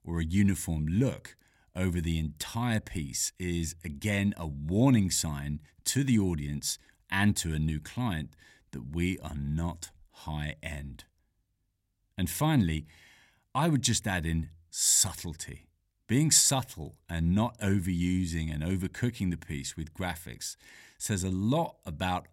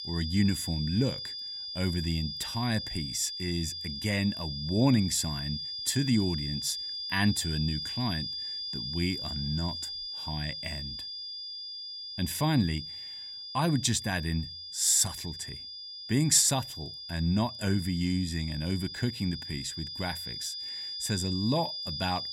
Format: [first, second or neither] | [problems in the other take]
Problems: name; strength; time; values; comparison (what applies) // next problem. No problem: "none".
first | high-pitched whine; loud; throughout; 5 kHz, 6 dB below the speech